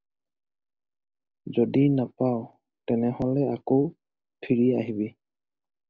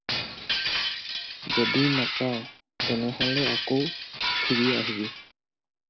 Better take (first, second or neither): first